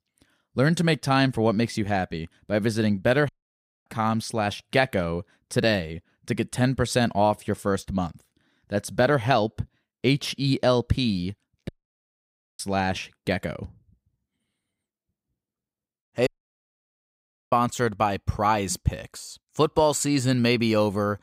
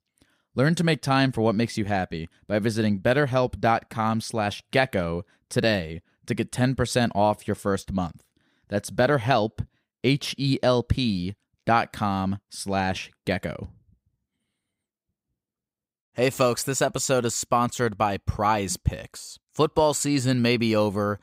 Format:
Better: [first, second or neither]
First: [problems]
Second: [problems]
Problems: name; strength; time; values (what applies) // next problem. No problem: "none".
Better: second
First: audio cutting out; at 3.5 s for 0.5 s, at 12 s for 1 s and at 16 s for 1.5 s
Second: none